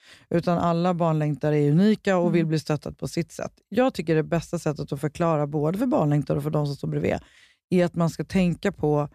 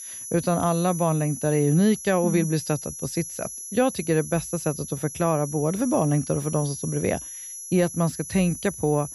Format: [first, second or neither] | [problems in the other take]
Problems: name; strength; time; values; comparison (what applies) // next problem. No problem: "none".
first | high-pitched whine; loud; throughout; 11 kHz, 9 dB below the speech